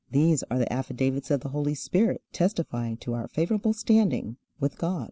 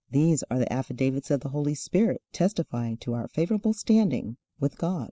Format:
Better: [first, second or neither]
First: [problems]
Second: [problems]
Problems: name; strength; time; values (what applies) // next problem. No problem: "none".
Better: first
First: none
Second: noise reduction (neural mask model Resemble Enhance denoiser)